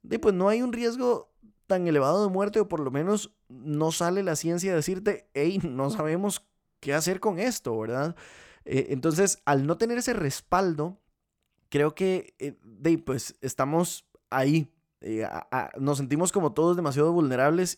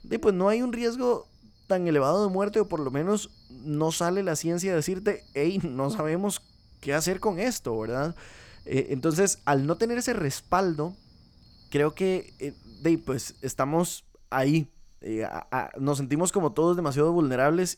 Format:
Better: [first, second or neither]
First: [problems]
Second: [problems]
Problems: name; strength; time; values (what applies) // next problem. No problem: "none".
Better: first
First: none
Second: animal sounds; faint; throughout; 30 dB below the speech